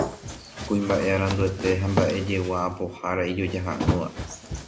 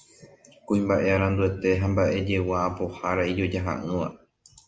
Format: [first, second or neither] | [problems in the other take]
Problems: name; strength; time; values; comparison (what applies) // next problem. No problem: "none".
second | background sound (Run); 6 dB below the speech